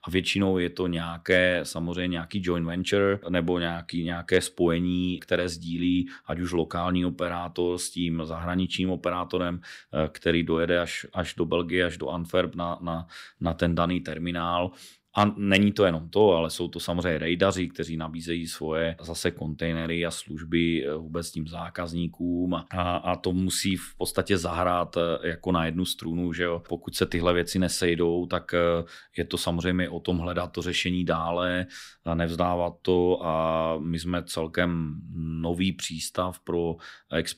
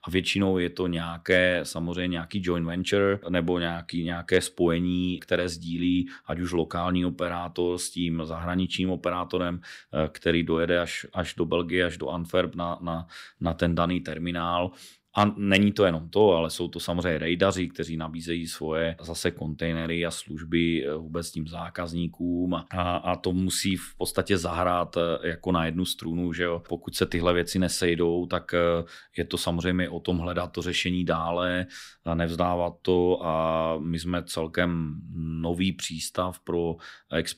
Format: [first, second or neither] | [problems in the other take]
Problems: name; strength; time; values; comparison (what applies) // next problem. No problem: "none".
neither | none